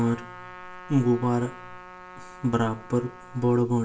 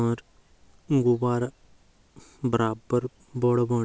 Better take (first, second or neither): second